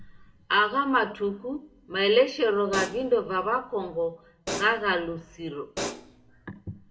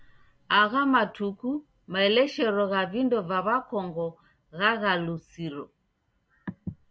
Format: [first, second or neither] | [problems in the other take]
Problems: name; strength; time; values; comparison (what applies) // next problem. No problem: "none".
second | background sound (Hi-hat); 10 dB below the speech // room echo; dies away in 0.5 s